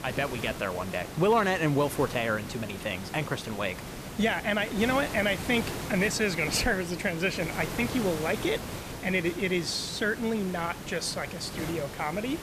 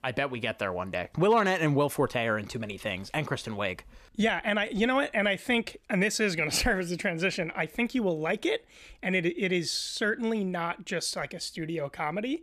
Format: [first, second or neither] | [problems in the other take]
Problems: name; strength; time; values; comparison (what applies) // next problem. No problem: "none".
second | hiss; loud; throughout; 9 dB below the speech